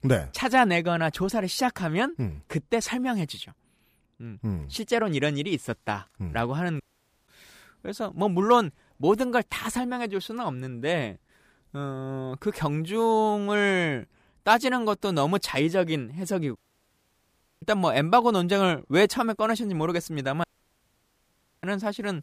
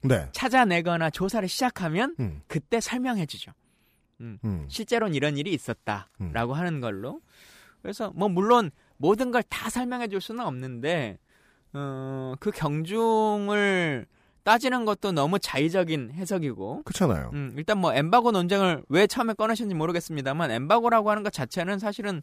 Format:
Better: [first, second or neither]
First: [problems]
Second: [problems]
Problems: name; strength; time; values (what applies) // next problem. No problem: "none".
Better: second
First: audio cutting out; at 7 s, at 17 s for 1 s and at 20 s for 1 s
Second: none